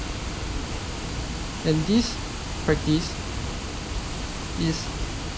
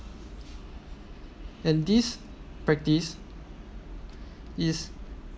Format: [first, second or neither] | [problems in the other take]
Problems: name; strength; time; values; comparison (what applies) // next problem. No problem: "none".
second | background sound (Water); 2 dB below the speech